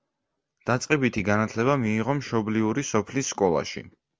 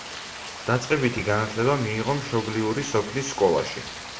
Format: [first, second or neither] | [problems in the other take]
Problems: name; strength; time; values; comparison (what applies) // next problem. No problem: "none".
first | background sound (Rain); 12 dB below the speech // room echo; dies away in 0.6 s